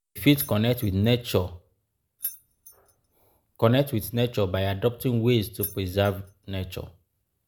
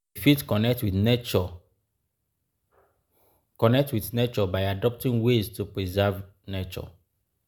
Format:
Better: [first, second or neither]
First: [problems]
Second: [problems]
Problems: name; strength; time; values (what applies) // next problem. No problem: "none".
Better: second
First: background sound (Keys jangling); 15 dB below the speech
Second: none